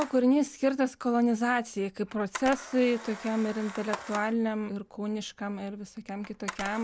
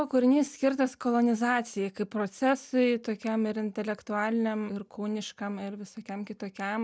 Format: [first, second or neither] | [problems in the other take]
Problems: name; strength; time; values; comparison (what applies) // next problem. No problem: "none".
second | background sound (Camera); 15 dB below the speech